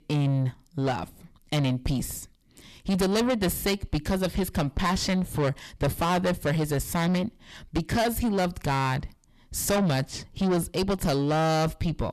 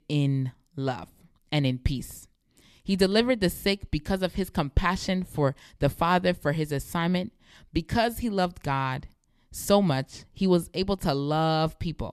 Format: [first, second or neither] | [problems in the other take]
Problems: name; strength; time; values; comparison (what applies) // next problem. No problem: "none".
second | distortion; heavy; 6 dB below the speech